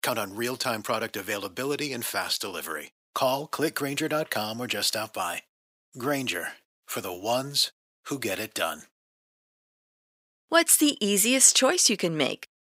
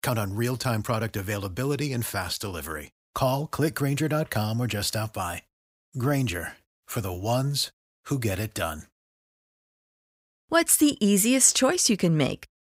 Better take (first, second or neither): second